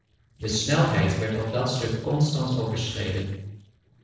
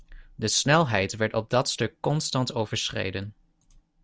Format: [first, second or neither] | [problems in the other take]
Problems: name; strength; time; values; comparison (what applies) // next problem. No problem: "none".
second | noise reduction (neural separator model SepFormer DNS4)